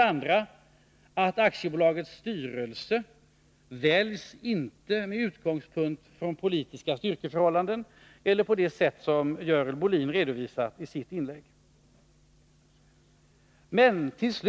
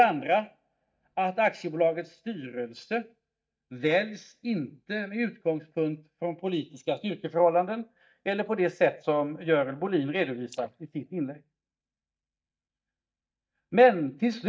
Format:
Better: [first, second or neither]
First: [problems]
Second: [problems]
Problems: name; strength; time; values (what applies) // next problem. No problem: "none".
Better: first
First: none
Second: noise reduction (neural mask model DeepFilterNet 3)